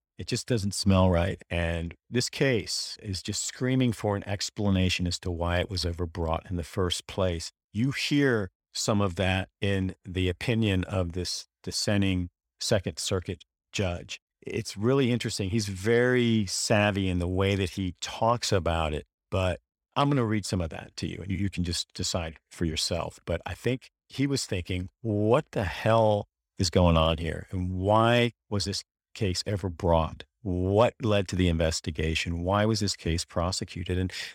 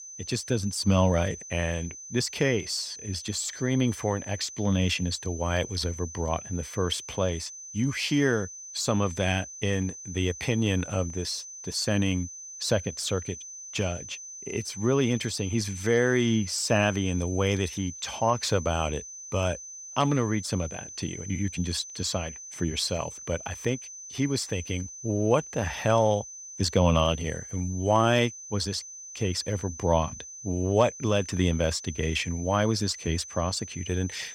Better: first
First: none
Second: high-pitched whine; noticeable; throughout; 6 kHz, 10 dB below the speech

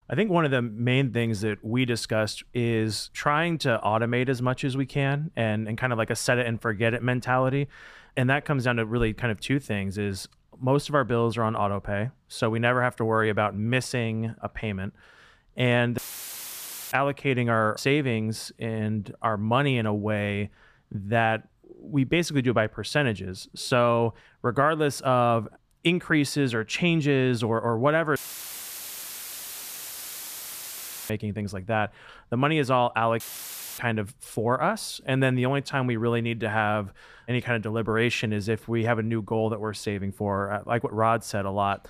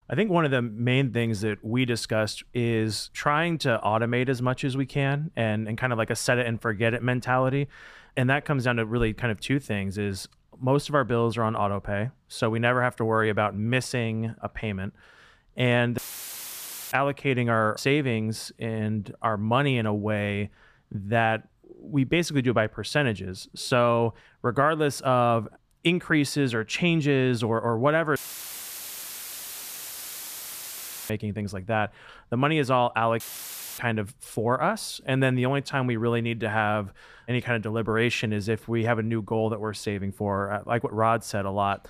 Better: neither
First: audio cutting out; filled with static; at 16 s for 1 s, at 28 s for 3 s and at 33 s for 0.5 s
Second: audio cutting out; filled with static; at 16 s for 1 s, at 28 s for 3 s and at 33 s for 0.5 s

